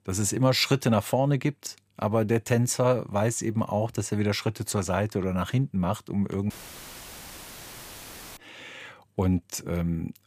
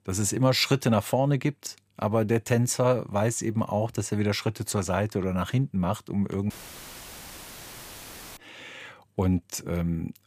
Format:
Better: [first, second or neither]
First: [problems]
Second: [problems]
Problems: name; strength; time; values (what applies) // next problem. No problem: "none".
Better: neither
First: audio cutting out; filled with static; at 6.5 s for 2 s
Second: audio cutting out; filled with static; at 6.5 s for 2 s